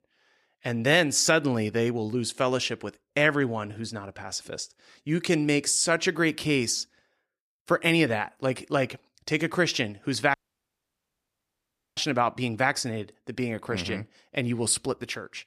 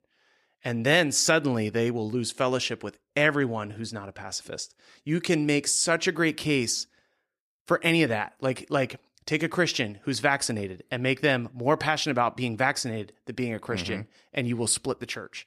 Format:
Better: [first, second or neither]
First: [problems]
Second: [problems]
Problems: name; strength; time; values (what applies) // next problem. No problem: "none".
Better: second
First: audio cutting out; at 10 s for 1.5 s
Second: none